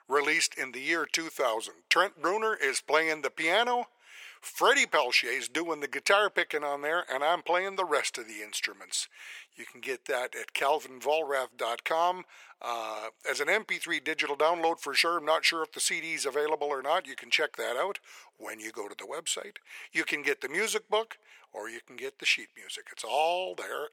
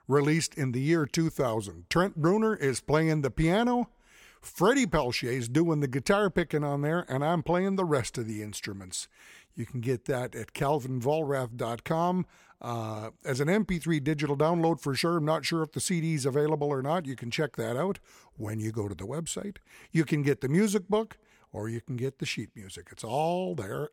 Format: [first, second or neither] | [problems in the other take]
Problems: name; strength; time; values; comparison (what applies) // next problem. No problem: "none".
second | thin; very; fading below 500 Hz